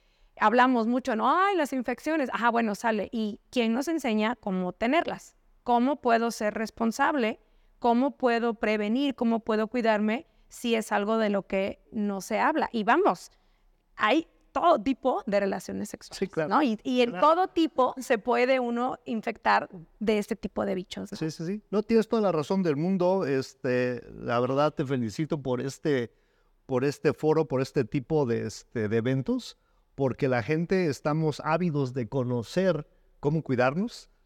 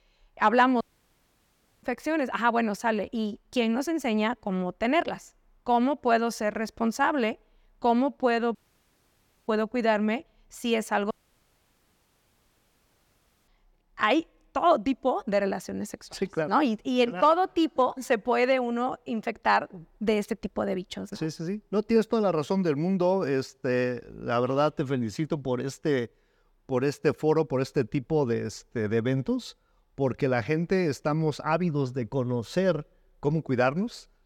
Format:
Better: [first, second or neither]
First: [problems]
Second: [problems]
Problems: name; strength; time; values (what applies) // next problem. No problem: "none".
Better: first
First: none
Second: audio cutting out; at 1 s for 1 s, at 8.5 s for 1 s and at 11 s for 2.5 s